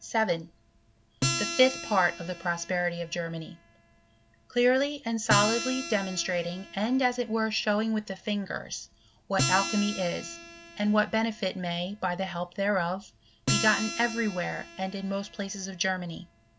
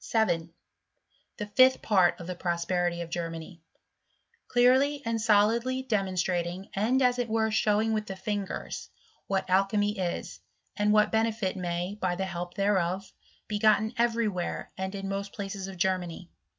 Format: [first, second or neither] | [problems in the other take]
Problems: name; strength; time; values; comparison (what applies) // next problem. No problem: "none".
second | background sound (Acoustic guitar); 8 dB below the speech